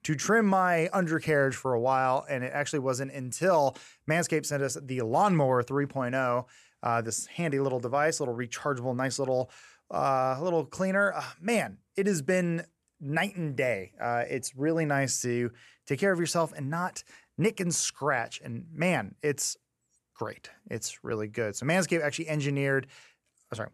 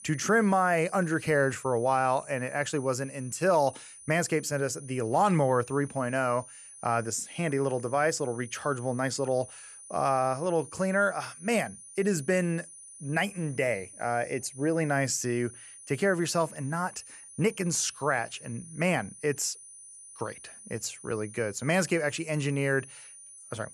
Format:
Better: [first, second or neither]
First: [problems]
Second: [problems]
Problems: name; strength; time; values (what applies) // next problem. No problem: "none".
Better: first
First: none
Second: high-pitched whine; noticeable; throughout; 9.5 kHz, 15 dB below the speech